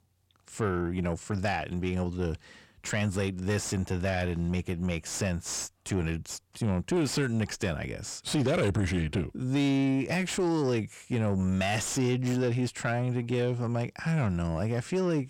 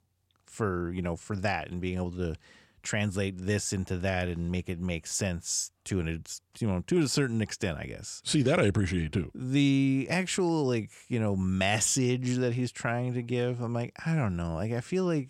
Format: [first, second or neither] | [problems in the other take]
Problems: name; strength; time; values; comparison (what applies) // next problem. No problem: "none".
second | distortion; slight; 10 dB below the speech